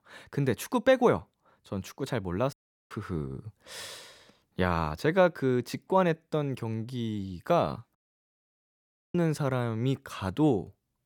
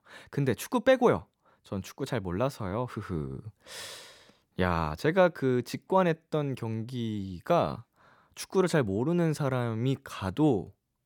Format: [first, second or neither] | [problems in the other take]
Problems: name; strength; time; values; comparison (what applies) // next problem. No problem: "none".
second | audio cutting out; at 2.5 s and at 8 s for 1 s